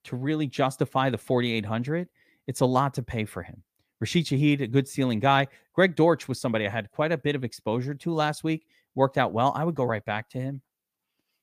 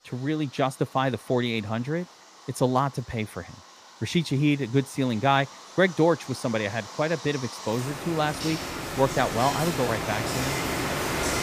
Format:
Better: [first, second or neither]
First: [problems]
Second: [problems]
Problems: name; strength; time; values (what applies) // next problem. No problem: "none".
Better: first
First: none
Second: rain or running water; loud; throughout; 5 dB below the speech